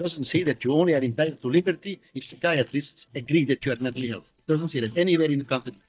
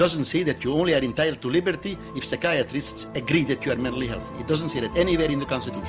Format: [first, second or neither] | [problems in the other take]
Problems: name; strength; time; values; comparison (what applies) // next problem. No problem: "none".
second | noise reduction (neural mask model DeepFilterNet 3)